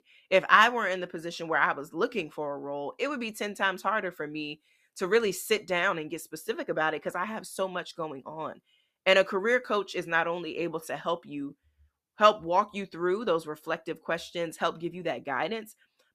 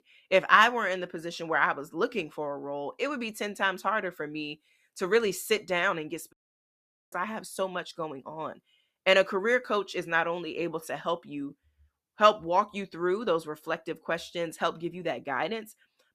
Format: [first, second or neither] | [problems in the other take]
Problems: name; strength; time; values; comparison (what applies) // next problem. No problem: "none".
first | audio cutting out; at 6.5 s for 1 s